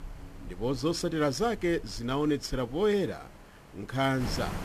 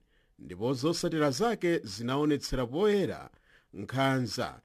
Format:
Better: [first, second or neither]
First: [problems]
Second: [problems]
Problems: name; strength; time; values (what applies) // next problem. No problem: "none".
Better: second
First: wind noise on the microphone; occasional gusts; 20 dB below the speech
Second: none